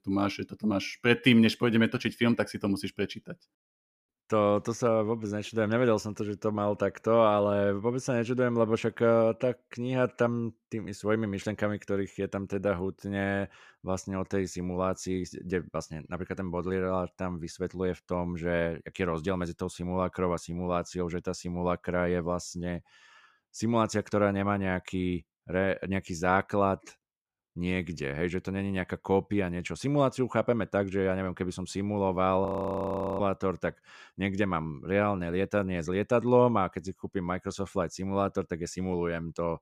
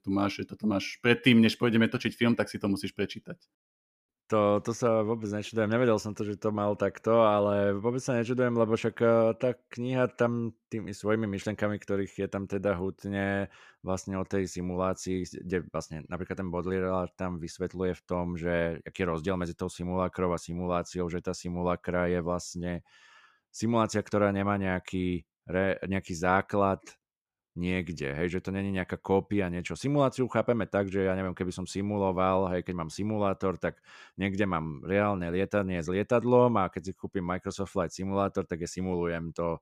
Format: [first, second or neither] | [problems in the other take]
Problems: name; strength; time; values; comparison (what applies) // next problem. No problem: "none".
second | audio freezing; at 32 s for 0.5 s